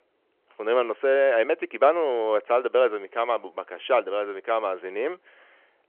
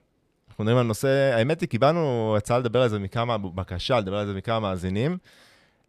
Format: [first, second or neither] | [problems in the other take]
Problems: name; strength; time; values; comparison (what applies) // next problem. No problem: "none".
second | phone-call audio